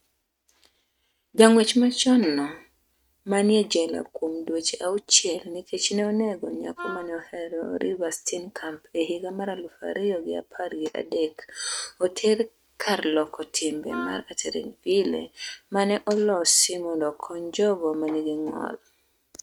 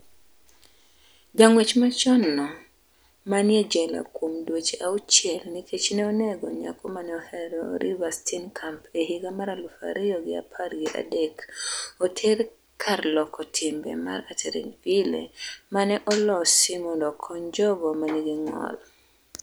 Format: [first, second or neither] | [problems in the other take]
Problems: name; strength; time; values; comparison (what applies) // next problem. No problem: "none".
second | noise reduction (neural mask model RNNoise)